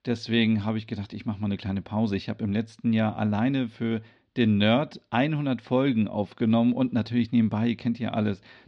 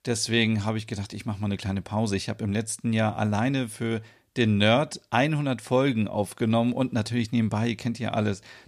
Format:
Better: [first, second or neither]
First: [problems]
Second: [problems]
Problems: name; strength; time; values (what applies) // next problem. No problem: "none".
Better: second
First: muffled; very slightly; fading above 4 kHz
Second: none